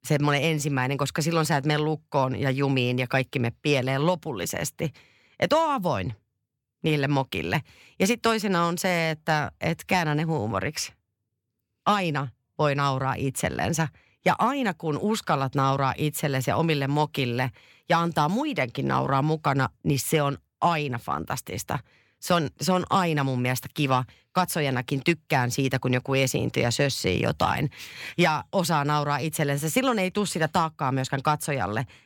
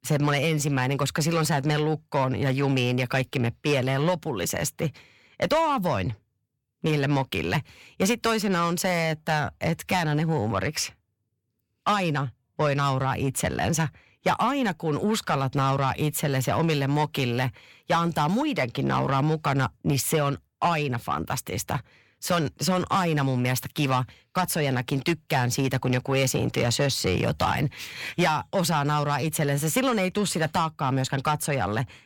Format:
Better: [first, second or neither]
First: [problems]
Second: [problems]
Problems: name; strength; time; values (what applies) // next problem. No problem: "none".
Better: first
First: none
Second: distortion; slight; 10 dB below the speech